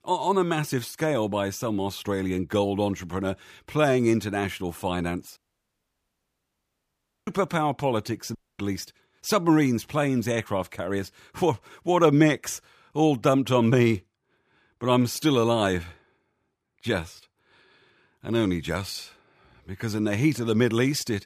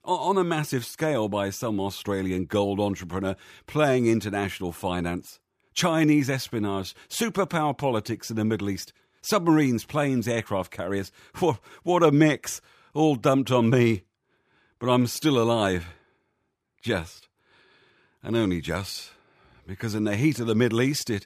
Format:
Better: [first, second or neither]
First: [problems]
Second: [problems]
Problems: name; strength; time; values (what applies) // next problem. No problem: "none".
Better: second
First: audio cutting out; at 5.5 s for 2 s and at 8.5 s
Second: none